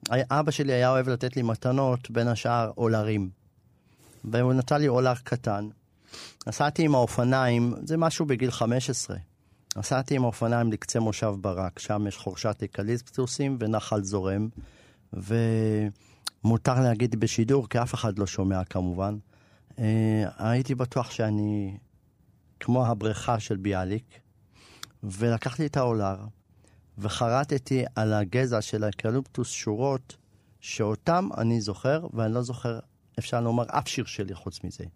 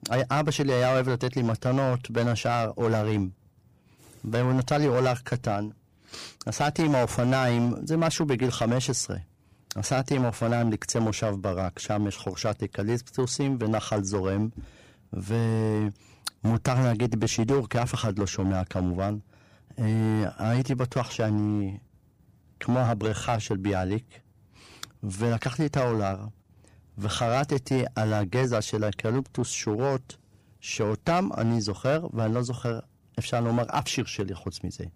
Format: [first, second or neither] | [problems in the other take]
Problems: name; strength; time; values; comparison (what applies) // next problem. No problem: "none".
first | distortion; slight; 6% of the sound clipped